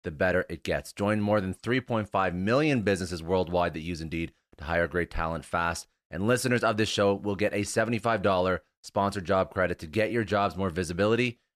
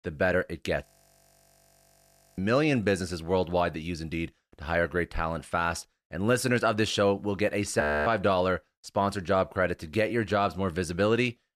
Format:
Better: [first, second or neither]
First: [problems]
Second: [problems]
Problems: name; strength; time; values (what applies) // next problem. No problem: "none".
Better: first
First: none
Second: audio freezing; at 1 s for 1.5 s and at 8 s